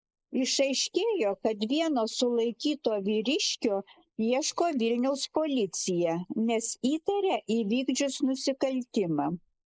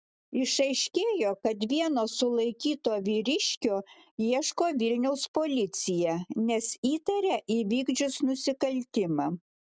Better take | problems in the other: second | noise reduction (neural mask model Resemble Enhance denoiser)

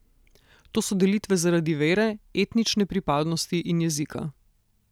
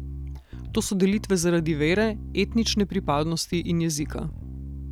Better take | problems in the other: first | background sound (Bass guitar); 11 dB below the speech

